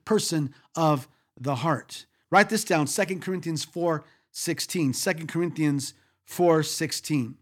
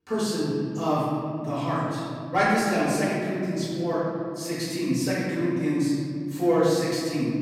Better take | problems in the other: first | off-mic speech; far // room echo; strong; dies away in 2.5 s

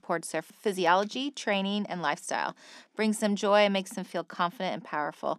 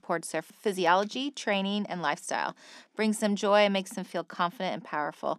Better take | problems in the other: neither | none

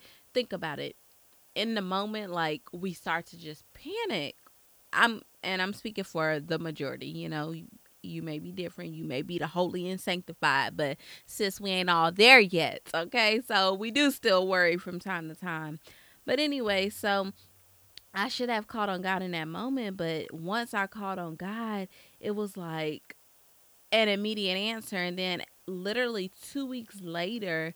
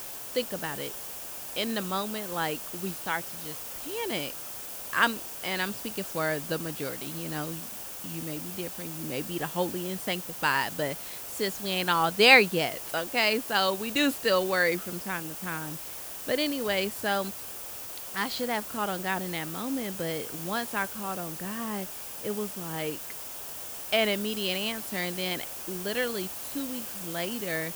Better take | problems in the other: first | hiss; loud; throughout; 7 dB below the speech; faint in the first

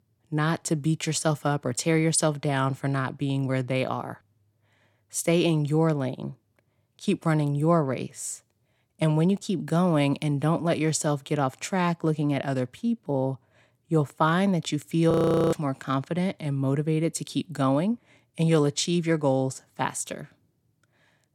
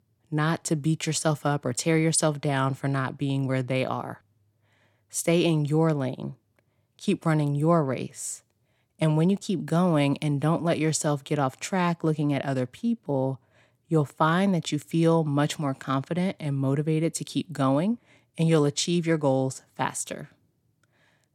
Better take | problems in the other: second | audio freezing; at 15 s

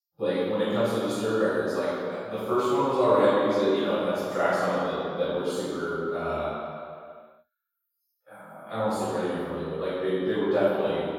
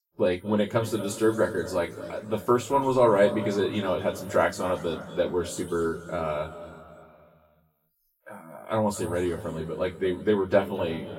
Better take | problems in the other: second | room echo; strong; dies away in 2.2 s; slight in the second // off-mic speech; far; far in the second

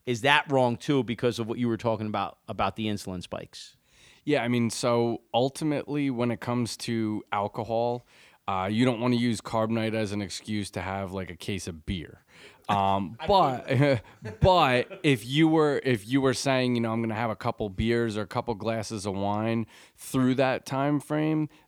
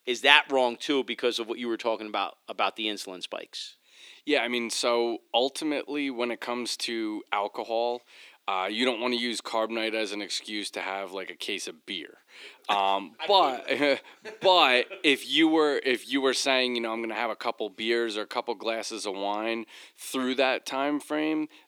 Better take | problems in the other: first | thin; somewhat; fading below 300 Hz

